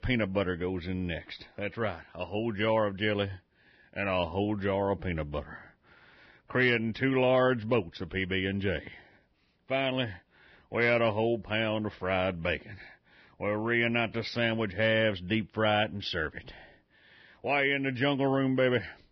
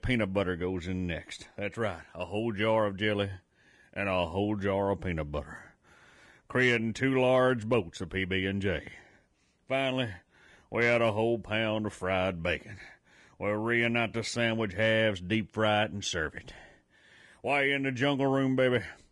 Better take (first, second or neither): second